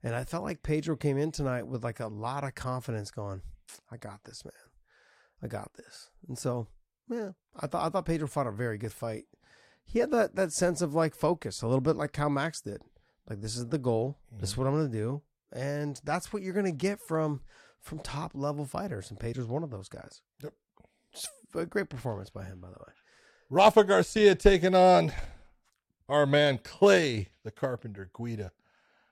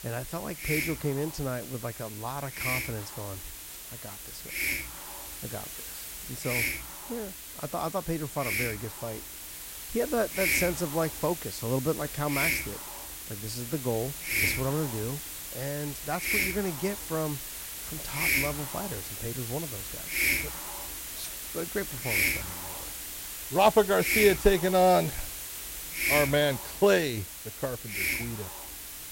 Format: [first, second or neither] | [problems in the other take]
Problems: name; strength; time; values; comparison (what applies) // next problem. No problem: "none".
first | hiss; loud; throughout; 2 dB below the speech